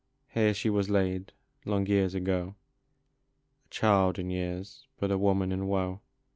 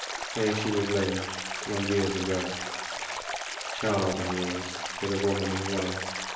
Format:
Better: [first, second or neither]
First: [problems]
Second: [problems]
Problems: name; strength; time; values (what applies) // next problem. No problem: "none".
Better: first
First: none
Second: background sound (Stream); 4 dB below the speech // room echo; dies away in 1 s